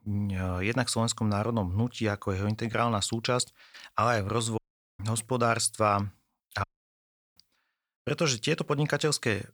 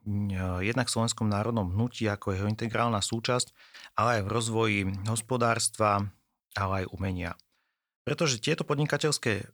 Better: second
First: audio cutting out; at 4.5 s and at 6.5 s for 0.5 s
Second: none

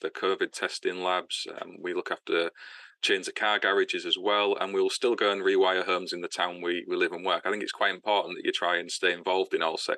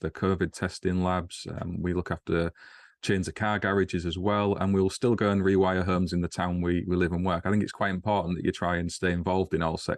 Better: second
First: thin; very; fading below 350 Hz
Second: none

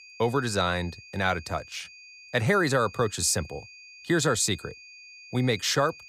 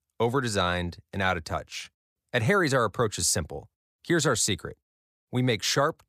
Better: second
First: high-pitched whine; noticeable; throughout; 2.5 kHz, 20 dB below the speech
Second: none

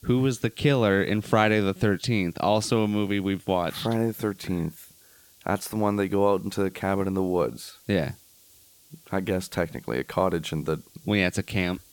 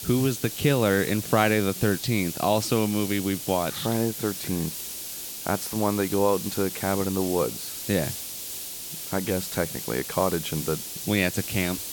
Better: first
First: hiss; faint; throughout; 25 dB below the speech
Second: hiss; loud; throughout; 7 dB below the speech

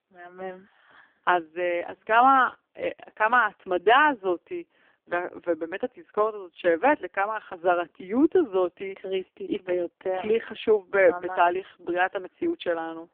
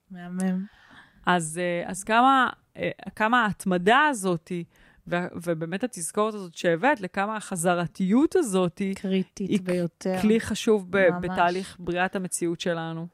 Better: second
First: phone-call audio; poor line; nothing above 3.5 kHz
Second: none

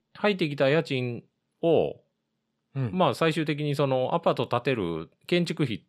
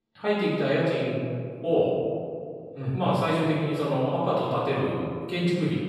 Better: first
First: none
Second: room echo; strong; dies away in 1.9 s // off-mic speech; far

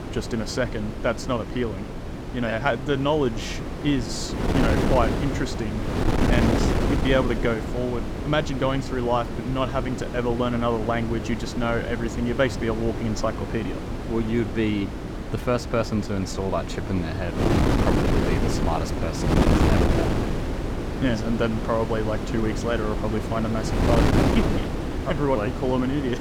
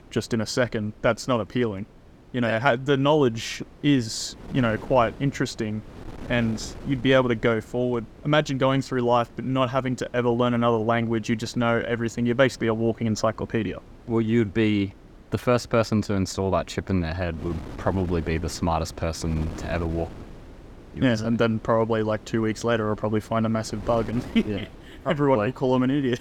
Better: second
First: wind noise on the microphone; heavy; 3 dB below the speech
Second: wind noise on the microphone; occasional gusts; 20 dB below the speech

